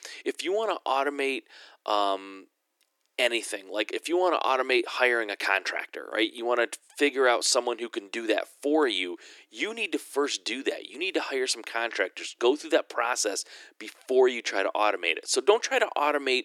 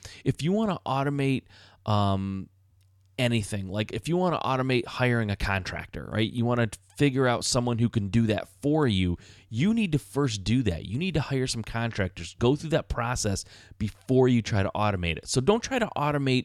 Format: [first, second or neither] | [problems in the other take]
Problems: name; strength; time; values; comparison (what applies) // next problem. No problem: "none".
second | thin; very; fading below 300 Hz